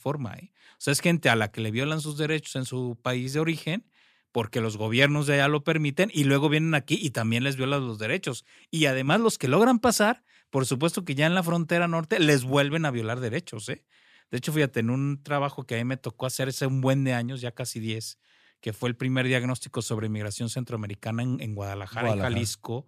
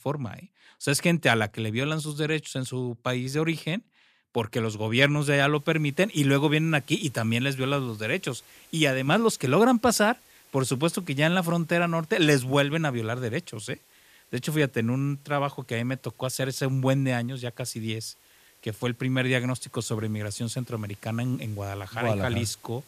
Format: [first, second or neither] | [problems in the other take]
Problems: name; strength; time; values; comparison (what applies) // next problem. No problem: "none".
first | hiss; faint; from 5.5 s on; 30 dB below the speech